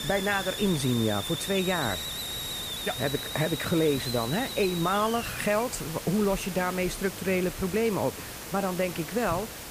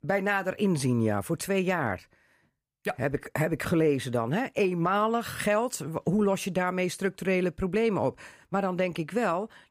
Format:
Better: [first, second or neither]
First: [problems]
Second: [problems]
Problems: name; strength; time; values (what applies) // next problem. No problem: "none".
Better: second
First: hiss; loud; throughout; 6 dB below the speech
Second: none